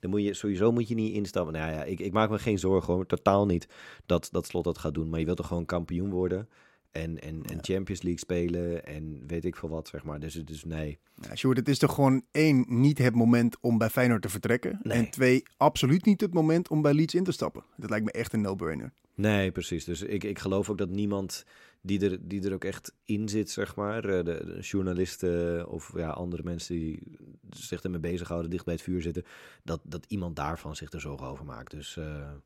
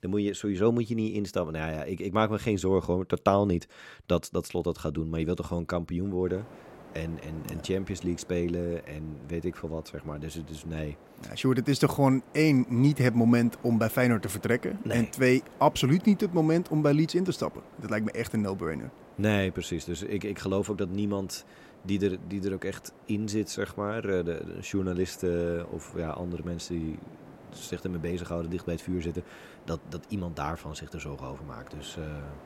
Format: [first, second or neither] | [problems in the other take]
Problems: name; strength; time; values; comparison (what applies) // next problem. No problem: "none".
first | hiss; faint; from 6.5 s on; 20 dB below the speech